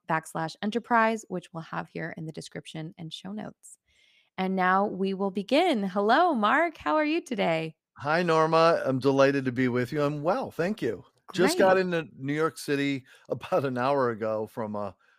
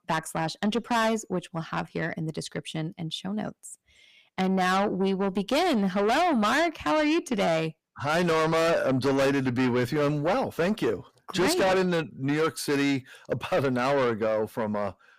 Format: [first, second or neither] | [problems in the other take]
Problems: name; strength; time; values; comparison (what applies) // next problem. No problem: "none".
first | distortion; heavy; 6 dB below the speech